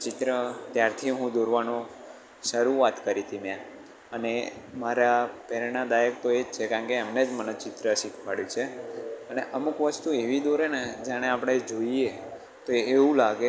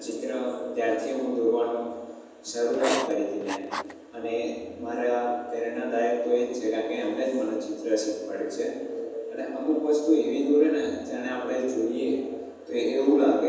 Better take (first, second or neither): first